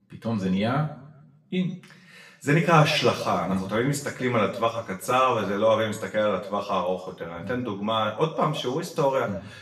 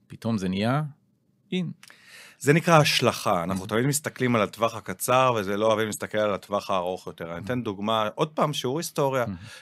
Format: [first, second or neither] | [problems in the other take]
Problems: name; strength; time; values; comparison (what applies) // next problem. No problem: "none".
second | room echo; slight; dies away in 0.6 s // off-mic speech; far